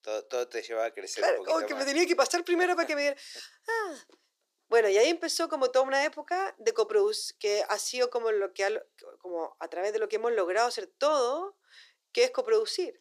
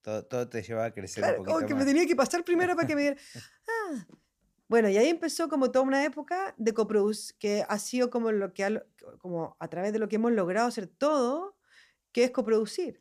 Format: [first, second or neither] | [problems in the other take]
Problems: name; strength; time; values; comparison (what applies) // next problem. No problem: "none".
second | thin; very; fading below 350 Hz